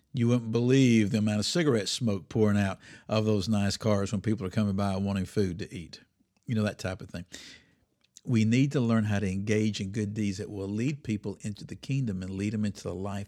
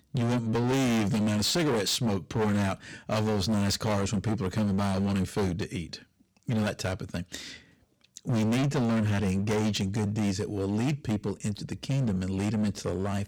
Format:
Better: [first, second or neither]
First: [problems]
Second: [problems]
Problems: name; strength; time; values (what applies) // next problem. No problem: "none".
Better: first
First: none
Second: distortion; heavy; 22% of the sound clipped